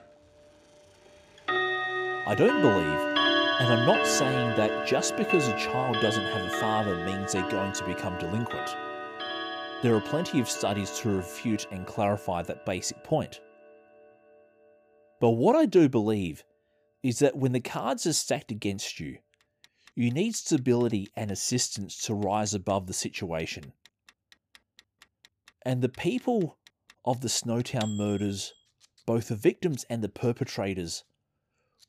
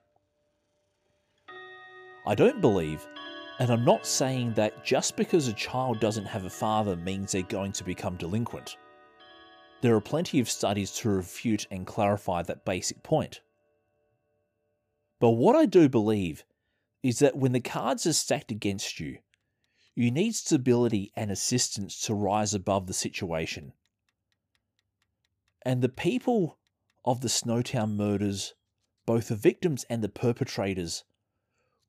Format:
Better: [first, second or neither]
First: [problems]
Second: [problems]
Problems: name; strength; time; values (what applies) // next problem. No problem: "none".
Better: second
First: household noises; loud; throughout; 1 dB below the speech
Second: household noises; faint; throughout; 20 dB below the speech